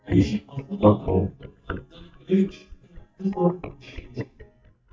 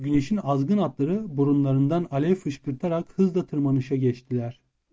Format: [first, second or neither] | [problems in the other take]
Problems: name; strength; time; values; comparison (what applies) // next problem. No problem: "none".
second | noise reduction (neural mask model DeepFilterNet 3)